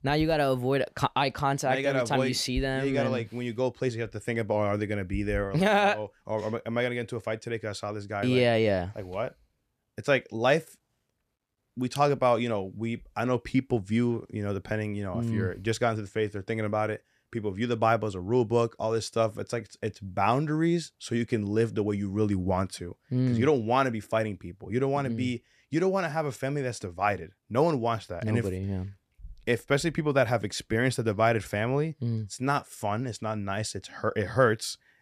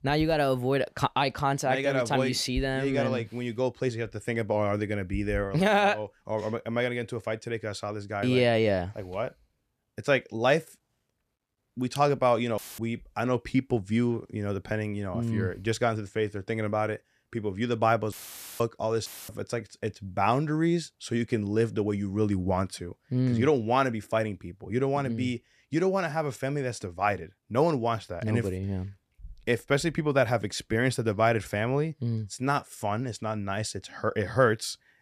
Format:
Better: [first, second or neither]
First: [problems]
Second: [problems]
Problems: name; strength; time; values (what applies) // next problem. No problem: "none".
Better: first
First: none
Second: audio cutting out; filled with static; at 13 s, at 18 s and at 19 s